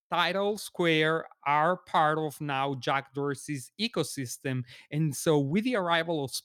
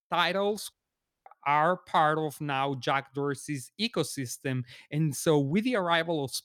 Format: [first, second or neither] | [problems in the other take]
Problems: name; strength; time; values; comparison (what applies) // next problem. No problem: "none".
first | audio cutting out; at 0.5 s for 0.5 s